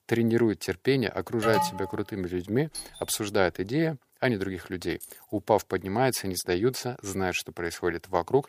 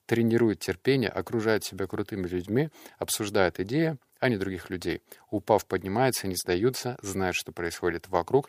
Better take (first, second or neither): second